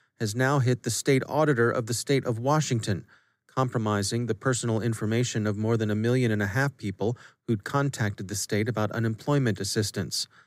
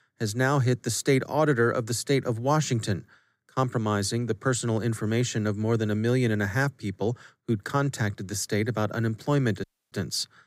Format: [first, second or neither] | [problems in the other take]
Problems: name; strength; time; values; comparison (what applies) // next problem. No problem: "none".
first | audio cutting out; at 9.5 s